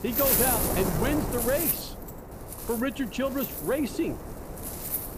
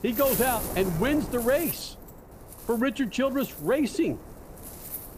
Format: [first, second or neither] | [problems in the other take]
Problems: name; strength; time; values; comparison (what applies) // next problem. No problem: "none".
second | wind noise on the microphone; heavy; 3 dB below the speech; occasional gusts in the second